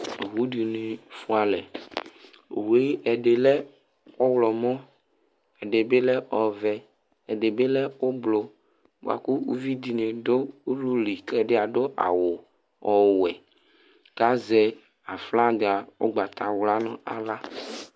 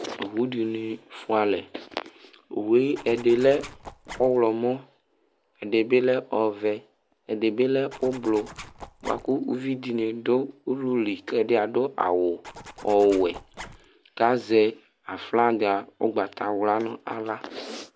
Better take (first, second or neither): first